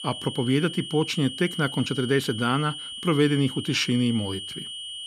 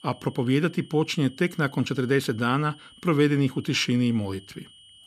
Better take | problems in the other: second | high-pitched whine; loud; throughout; 3 kHz, 9 dB below the speech; faint in the second

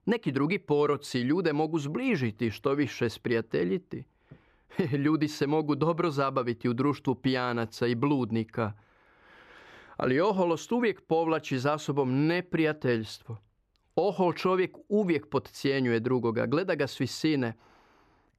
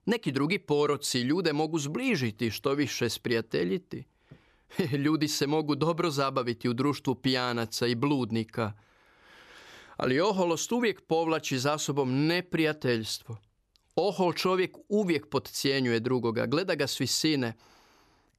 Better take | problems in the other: second | muffled; slightly; fading above 3.5 kHz

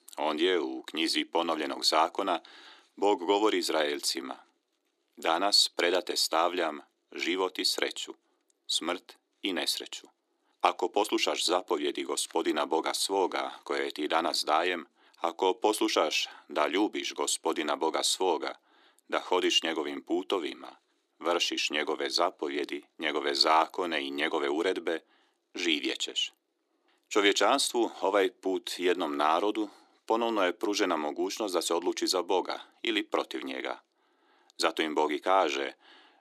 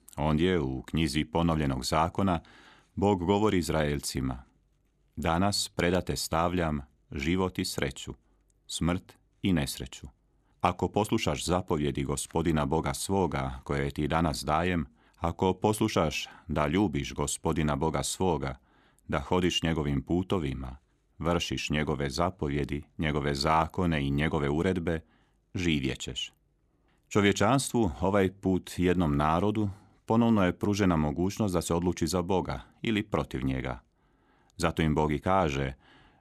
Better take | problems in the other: second | thin; somewhat; fading below 300 Hz

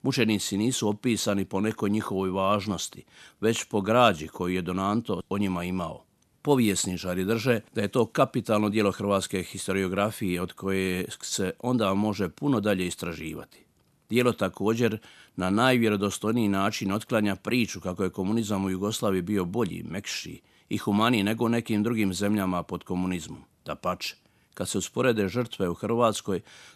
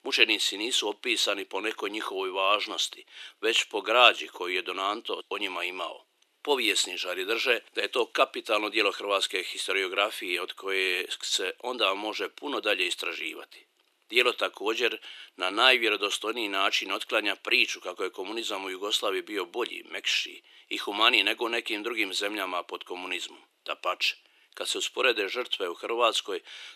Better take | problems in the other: first | thin; very; fading below 350 Hz

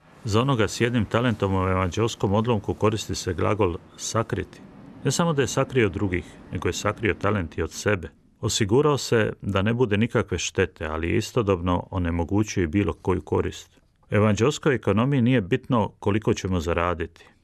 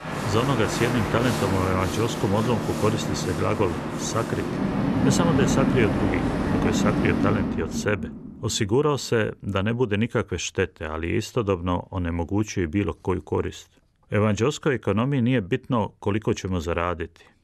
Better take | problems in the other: first | train or aircraft noise; loud; until 7.5 s; as loud as the speech; faint in the first

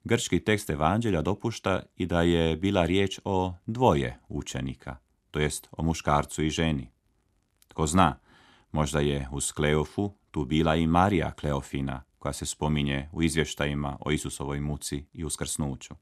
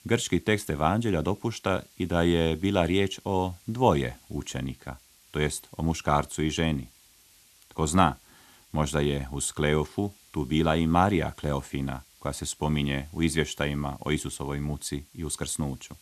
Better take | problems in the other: first | hiss; faint; throughout; 25 dB below the speech

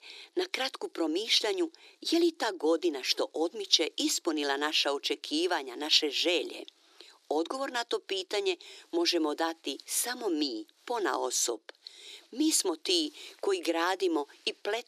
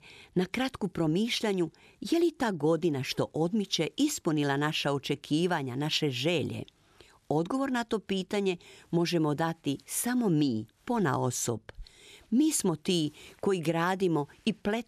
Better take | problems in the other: second | thin; somewhat; fading below 300 Hz

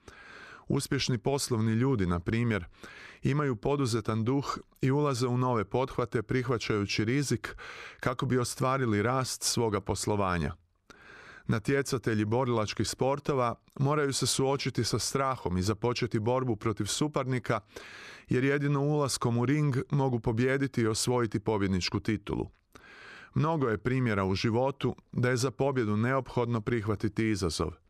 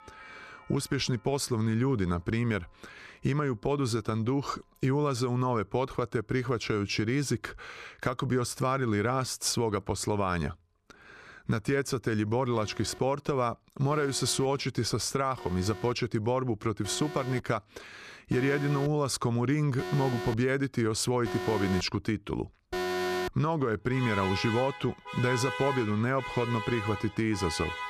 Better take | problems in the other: first | alarms or sirens; loud; throughout; 8 dB below the speech

